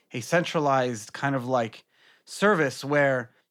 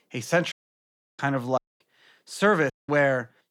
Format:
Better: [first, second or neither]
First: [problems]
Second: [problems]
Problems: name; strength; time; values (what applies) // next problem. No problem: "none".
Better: first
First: none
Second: audio cutting out; at 0.5 s for 0.5 s, at 1.5 s and at 2.5 s